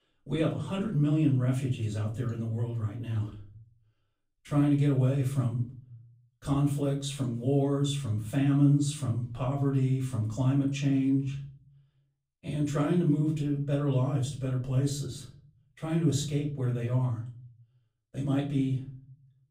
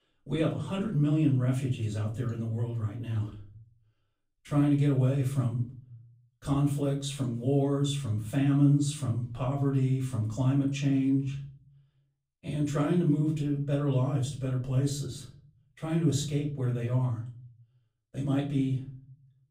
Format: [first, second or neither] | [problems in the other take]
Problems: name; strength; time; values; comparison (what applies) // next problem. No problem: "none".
neither | off-mic speech; far; the same in both // room echo; slight; dies away in 0.5 s; the same in both